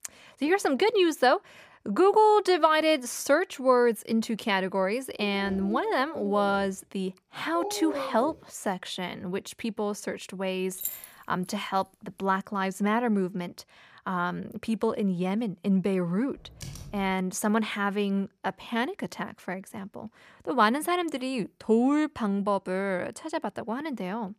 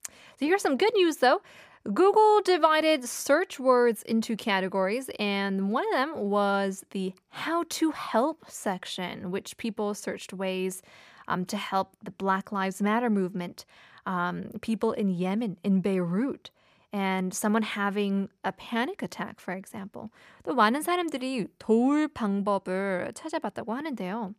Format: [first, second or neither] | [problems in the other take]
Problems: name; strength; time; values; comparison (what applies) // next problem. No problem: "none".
second | dog barking; noticeable; from 5 to 8.5 s; peak 6 dB below the speech // jangling keys; noticeable; at 11 s; peak 6 dB below the speech // keyboard typing; faint; at 16 s; peak 15 dB below the speech